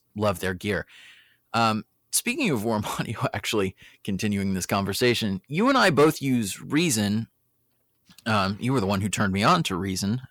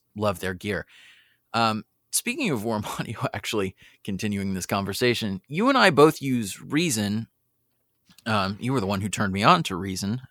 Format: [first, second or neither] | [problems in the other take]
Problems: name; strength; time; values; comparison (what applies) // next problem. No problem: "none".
second | distortion; slight; 10 dB below the speech